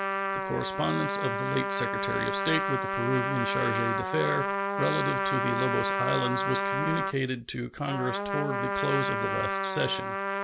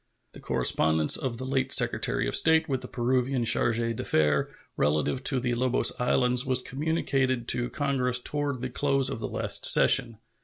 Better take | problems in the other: second | background sound (Trumpet); 2 dB above the speech

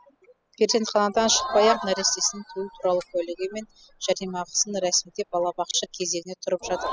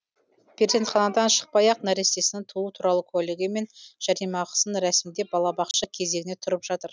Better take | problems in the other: second | noise reduction (classical method spectral subtraction)

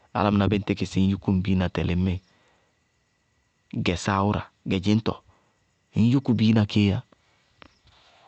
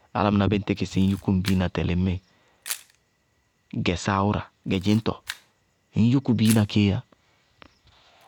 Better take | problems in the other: first | background sound (Camera); 19 dB below the speech

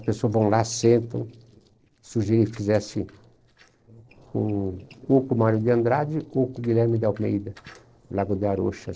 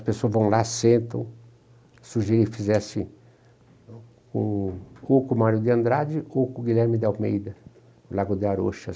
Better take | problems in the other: second | noise reduction (neural separator model SepFormer DNS4)

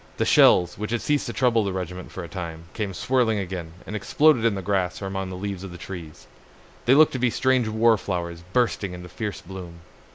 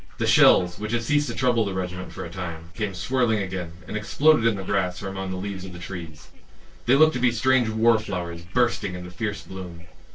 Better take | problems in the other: first | noise reduction (neural separator model SepFormer DNS4)

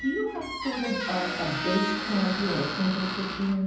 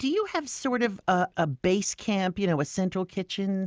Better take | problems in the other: second | background sound (Squeak); 4 dB below the speech // room echo; dies away in 1.2 s

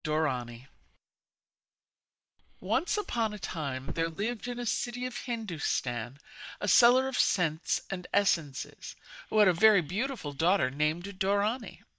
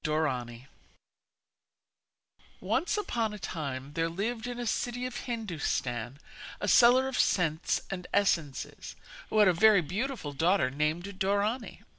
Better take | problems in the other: second | noise reduction (neural mask model DeepFilterNet 3)

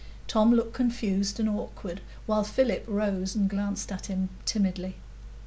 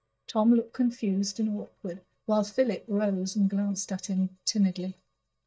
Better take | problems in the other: first | noise reduction (neural mask model DeepFilterNet 3)

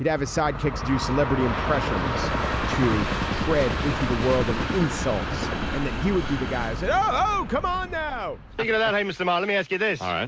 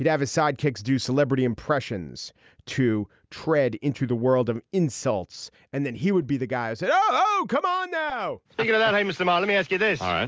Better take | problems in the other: second | background sound (Train); 3 dB below the speech

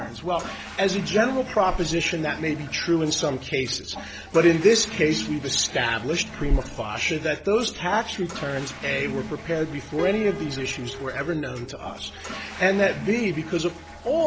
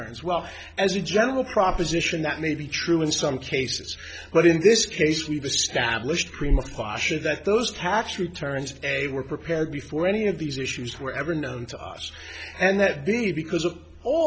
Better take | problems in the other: second | background sound (Toilet flush / Water + Piano); 13 dB below the speech

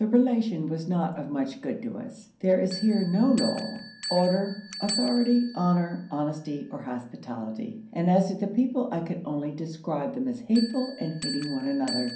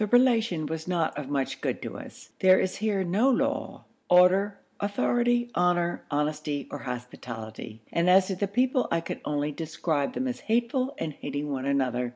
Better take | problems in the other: second | background sound (Bell); 14 dB below the speech // room echo; dies away in 0.6 s

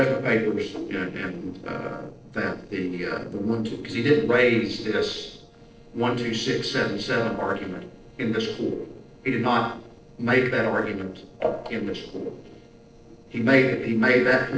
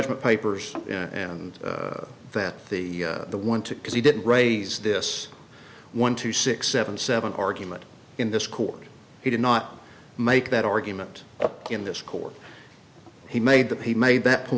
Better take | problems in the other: second | noise reduction (neural separator model SepFormer DNS4)

